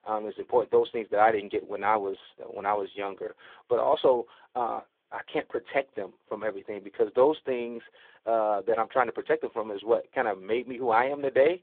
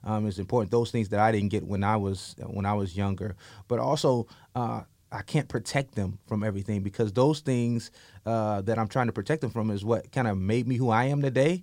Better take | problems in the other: second | phone-call audio; poor line; nothing above 3.5 kHz

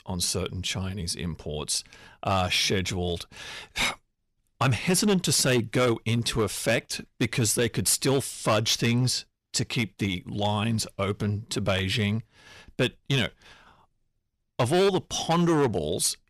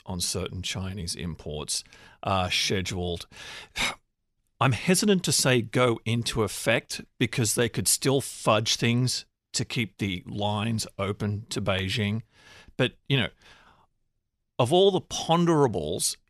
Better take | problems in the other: second | distortion; slight; 4% of the sound clipped

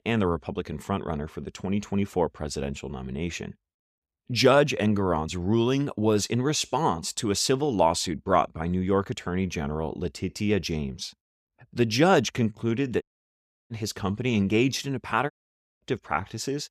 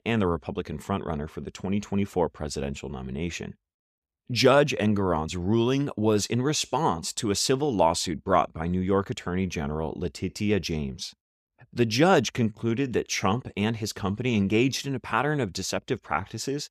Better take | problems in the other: second | audio cutting out; at 13 s for 0.5 s and at 15 s for 0.5 s

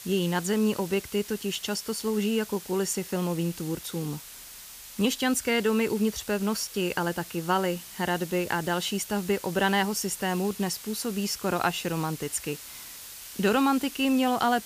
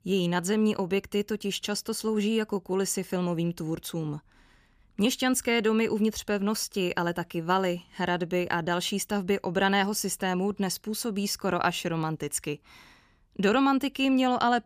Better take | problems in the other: second | hiss; noticeable; throughout; 15 dB below the speech

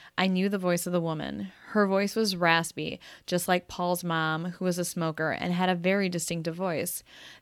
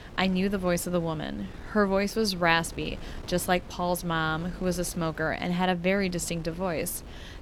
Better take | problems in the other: first | wind noise on the microphone; occasional gusts; 20 dB below the speech

